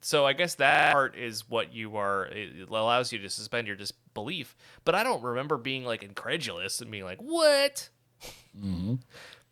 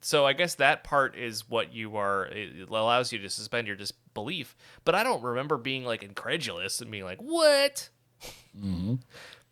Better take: second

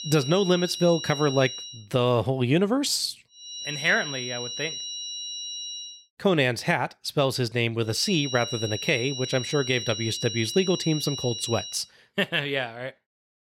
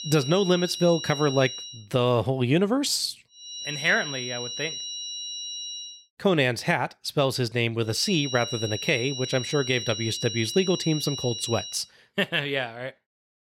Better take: neither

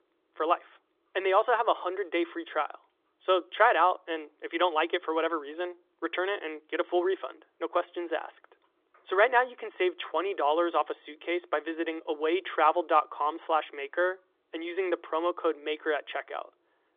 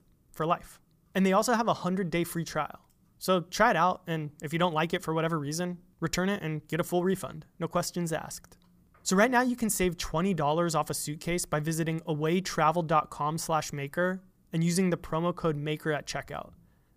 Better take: second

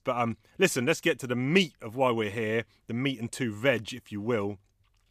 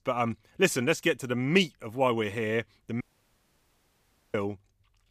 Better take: first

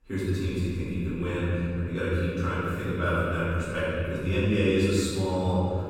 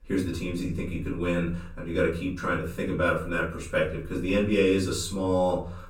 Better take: second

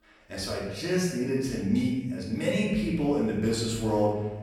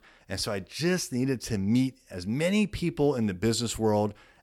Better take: second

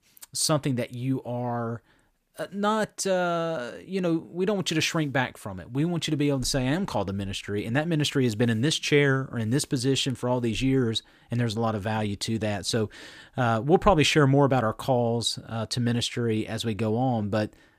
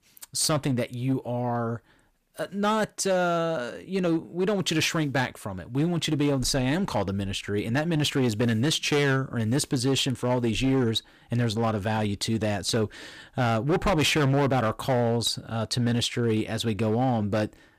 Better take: first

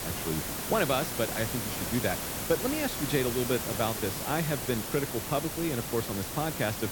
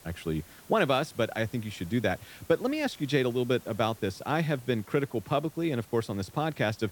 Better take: second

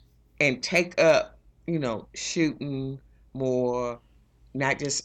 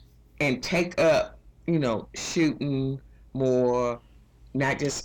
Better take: first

